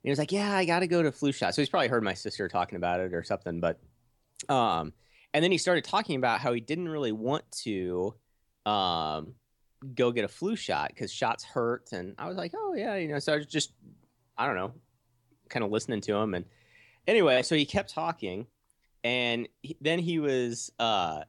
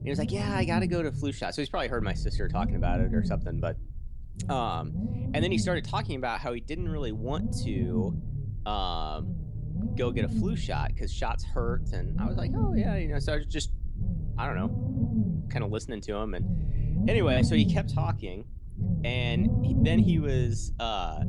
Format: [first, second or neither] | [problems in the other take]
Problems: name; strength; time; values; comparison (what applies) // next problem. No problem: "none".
first | low rumble; loud; throughout; 6 dB below the speech